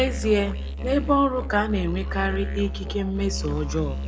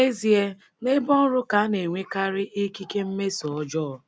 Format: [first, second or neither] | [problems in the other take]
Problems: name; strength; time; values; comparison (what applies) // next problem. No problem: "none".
second | background sound (Musical instrument); 4 dB below the speech // room echo; dies away in 1.5 s